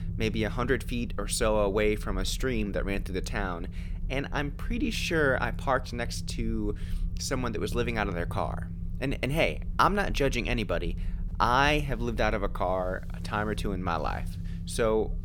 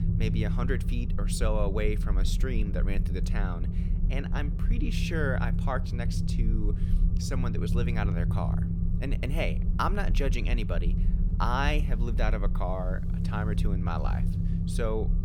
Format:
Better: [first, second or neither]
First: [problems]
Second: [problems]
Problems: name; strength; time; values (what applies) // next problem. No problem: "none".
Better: first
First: low rumble; faint; throughout; 20 dB below the speech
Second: low rumble; loud; throughout; 8 dB below the speech